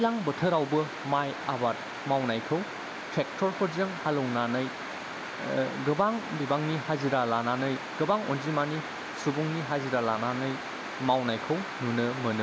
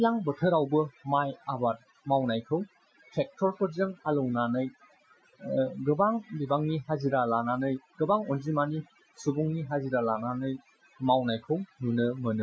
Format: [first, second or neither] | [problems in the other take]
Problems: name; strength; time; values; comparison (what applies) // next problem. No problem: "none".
first | noise reduction (classical method Wiener filter)